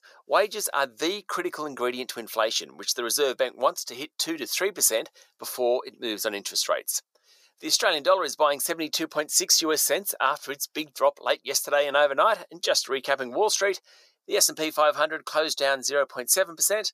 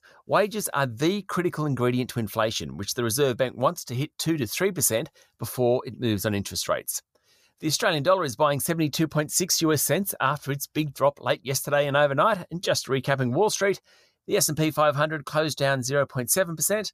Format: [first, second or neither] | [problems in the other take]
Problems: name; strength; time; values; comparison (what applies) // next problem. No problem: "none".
second | thin; very; fading below 400 Hz